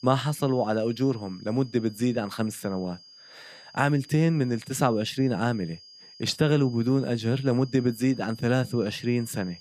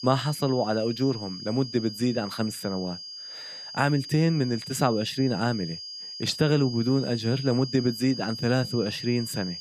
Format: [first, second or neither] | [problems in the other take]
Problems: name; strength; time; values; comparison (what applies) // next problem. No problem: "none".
first | high-pitched whine; loud; throughout; 5 kHz, 10 dB below the speech; faint in the first